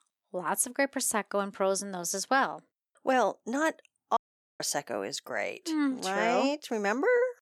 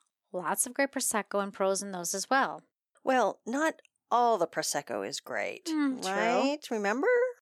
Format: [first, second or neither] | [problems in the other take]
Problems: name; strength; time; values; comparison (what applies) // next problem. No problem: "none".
second | audio cutting out; at 4 s